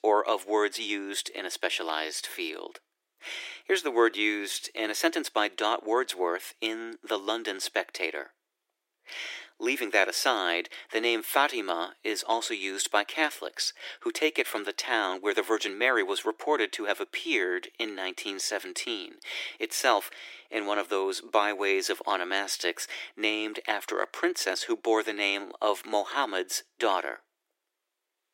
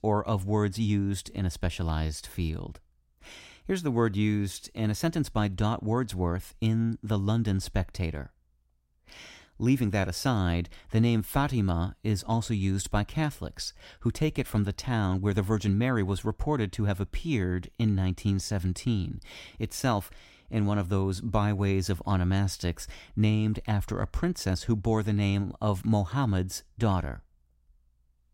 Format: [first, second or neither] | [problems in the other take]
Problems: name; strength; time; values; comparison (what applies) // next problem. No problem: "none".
second | thin; very; fading below 350 Hz